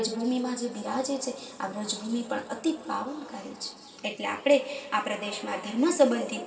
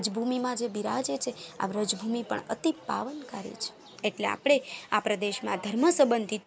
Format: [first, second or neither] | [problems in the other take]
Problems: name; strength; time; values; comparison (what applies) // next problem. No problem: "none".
second | room echo; dies away in 2.2 s